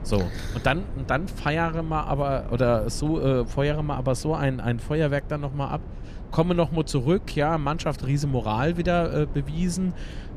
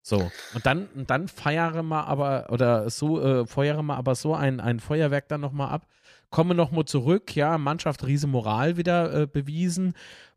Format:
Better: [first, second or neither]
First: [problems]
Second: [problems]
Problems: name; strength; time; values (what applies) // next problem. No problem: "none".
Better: second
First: low rumble; noticeable; throughout; 20 dB below the speech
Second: none